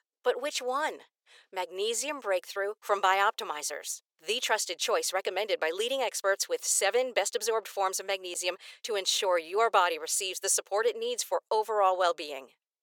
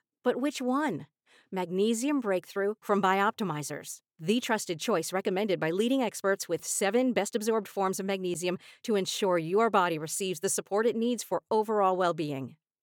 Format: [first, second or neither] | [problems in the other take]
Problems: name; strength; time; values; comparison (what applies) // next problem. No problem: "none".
second | thin; very; fading below 500 Hz